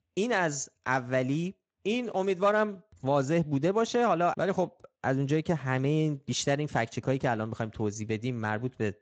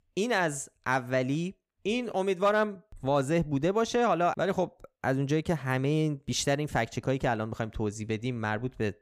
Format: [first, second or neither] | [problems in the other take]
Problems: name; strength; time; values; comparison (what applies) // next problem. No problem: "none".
second | garbled, watery; slightly; nothing above 7.5 kHz